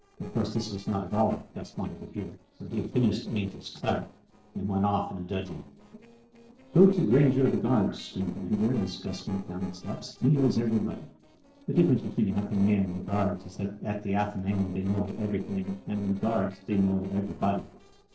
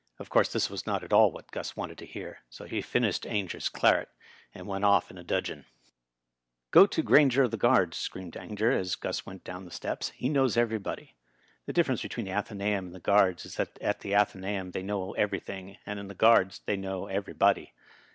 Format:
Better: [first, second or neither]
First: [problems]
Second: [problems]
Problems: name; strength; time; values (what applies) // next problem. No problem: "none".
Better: second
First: noise reduction (neural separator model SepFormer DNS4)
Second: none